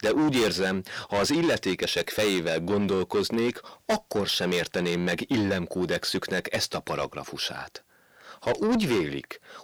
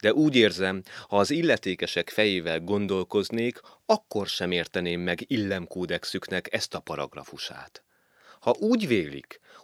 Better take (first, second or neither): second